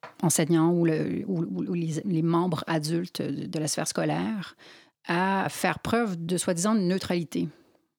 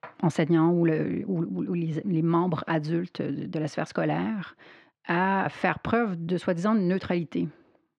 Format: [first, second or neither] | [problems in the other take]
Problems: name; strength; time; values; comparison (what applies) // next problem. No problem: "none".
first | muffled; very; fading above 2 kHz